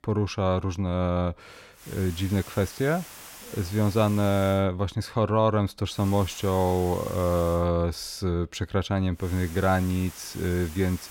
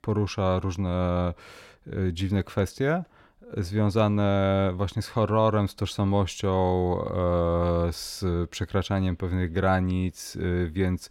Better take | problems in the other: second | hiss; noticeable; from 2 to 4.5 s, from 6 to 7.5 s and from 9 s on; 15 dB below the speech

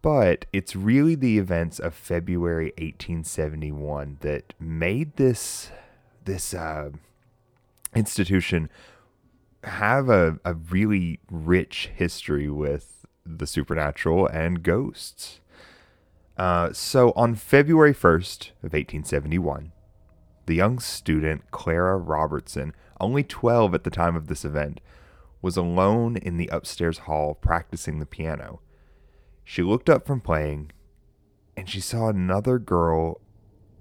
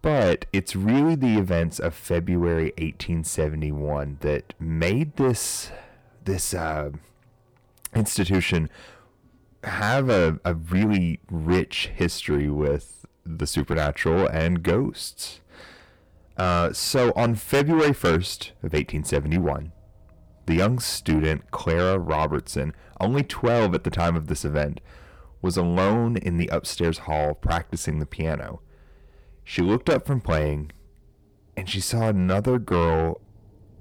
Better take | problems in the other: first | distortion; heavy; 7 dB below the speech

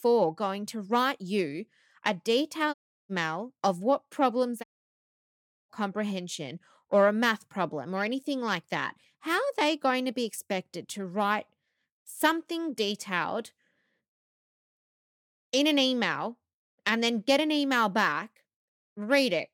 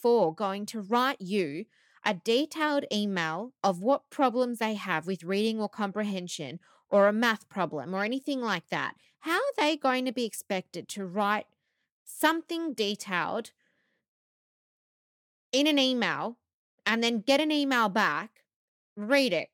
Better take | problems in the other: second | audio cutting out; at 2.5 s and at 4.5 s for 1 s

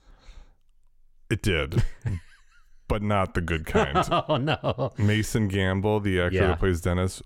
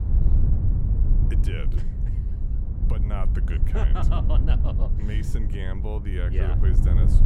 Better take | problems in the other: first | wind noise on the microphone; heavy; 3 dB below the speech

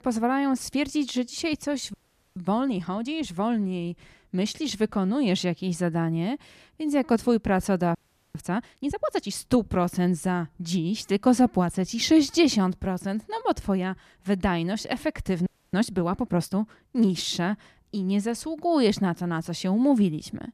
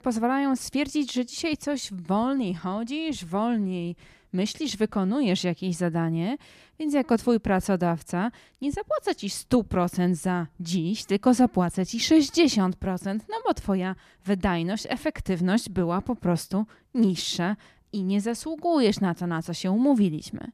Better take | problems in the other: second | audio freezing; at 2 s, at 8 s and at 15 s

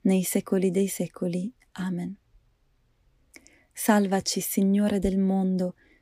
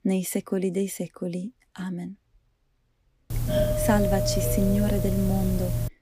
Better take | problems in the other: first | doorbell; loud; from 3.5 s on; peak 3 dB above the speech

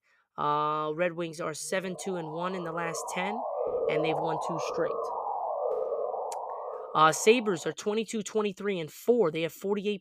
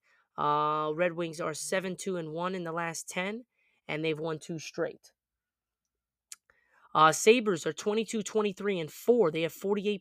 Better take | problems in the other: second | siren; loud; from 2 to 7.5 s; peak level with the speech

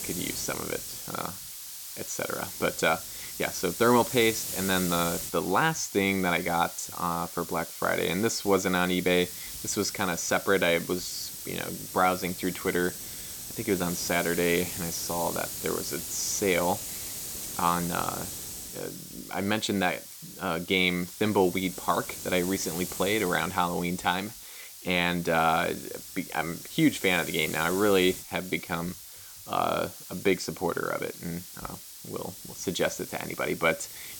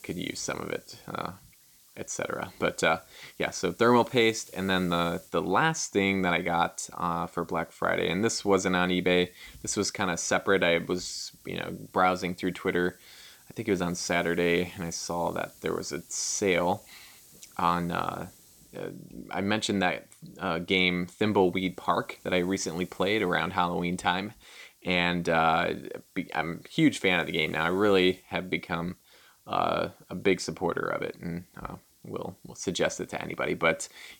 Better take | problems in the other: second | hiss; loud; throughout; 8 dB below the speech; faint in the second

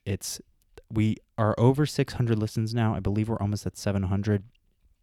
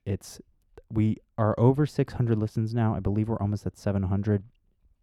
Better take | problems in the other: first | muffled; slightly; fading above 2 kHz

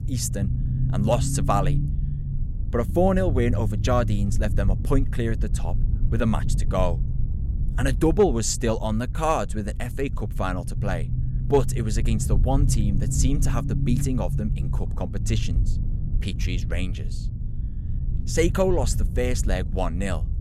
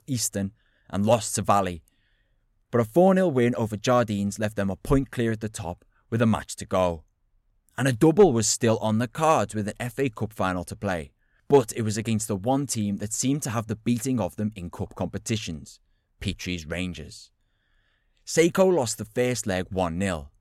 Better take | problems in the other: second | low rumble; noticeable; throughout; 15 dB below the speech

